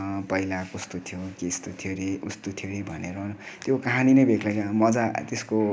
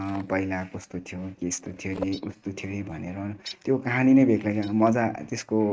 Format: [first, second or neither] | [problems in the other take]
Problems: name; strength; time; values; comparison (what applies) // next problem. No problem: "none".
first | noise reduction (neural mask model RNNoise)